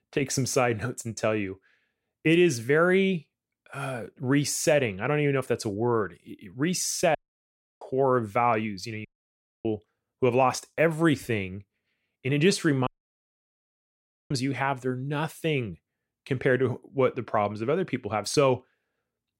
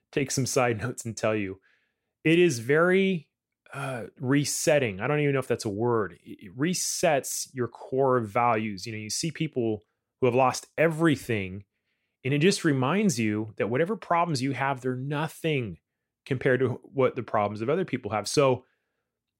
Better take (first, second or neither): second